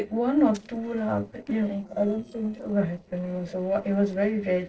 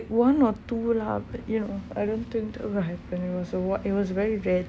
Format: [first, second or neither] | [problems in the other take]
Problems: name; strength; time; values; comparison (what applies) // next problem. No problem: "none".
second | noise reduction (neural separator model SepFormer DNS4)